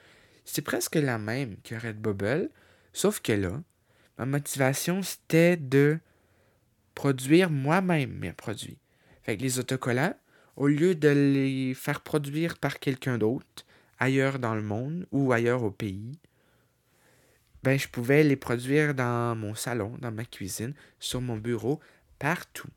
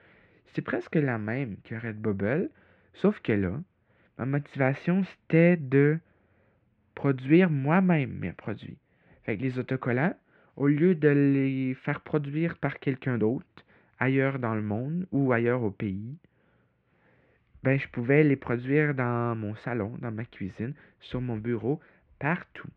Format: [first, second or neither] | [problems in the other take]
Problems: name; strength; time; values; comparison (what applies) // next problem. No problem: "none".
first | muffled; very; fading above 2.5 kHz